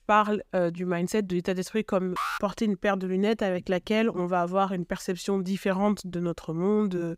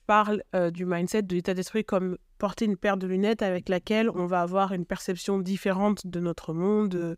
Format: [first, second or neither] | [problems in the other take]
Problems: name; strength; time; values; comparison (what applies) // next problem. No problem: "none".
second | alarm; noticeable; at 2 s; peak 4 dB below the speech